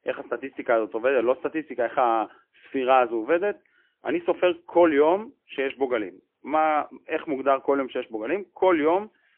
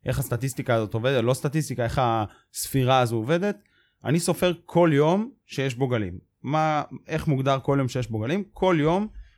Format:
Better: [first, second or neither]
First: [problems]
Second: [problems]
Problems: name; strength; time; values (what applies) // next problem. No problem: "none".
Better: second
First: phone-call audio; poor line; nothing above 3 kHz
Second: none